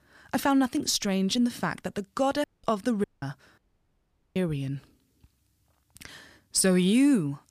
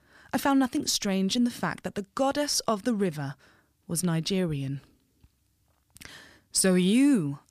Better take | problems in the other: second | audio cutting out; at 2.5 s, at 3 s and at 3.5 s for 1 s

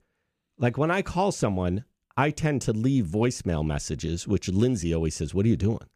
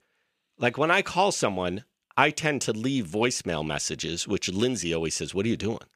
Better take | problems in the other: first | thin; somewhat; fading below 1 kHz

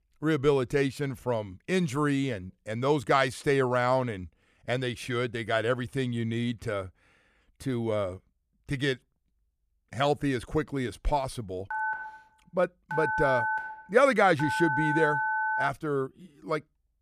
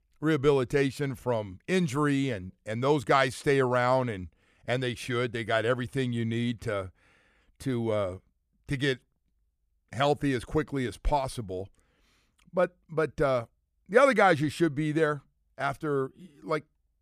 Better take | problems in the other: second | phone ringing; loud; from 12 to 16 s; peak 1 dB above the speech

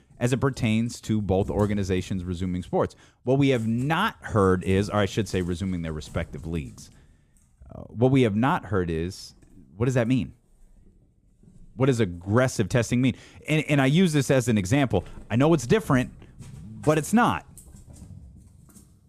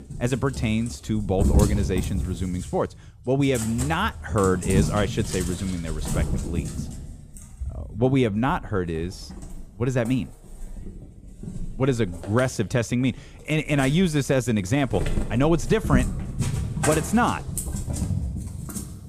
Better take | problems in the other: first | animal sounds; loud; throughout; 5 dB below the speech; faint in the first

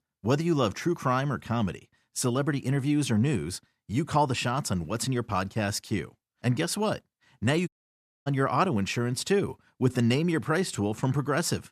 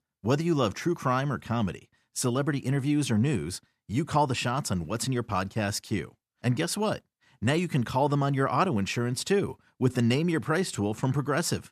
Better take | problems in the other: second | audio cutting out; at 7.5 s for 0.5 s

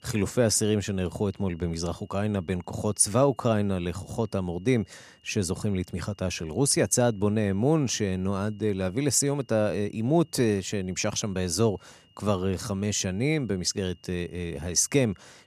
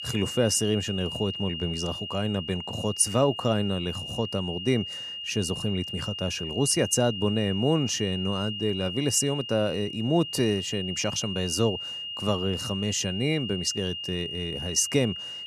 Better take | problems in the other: first | high-pitched whine; loud; throughout; 3 kHz, 6 dB below the speech; faint in the first

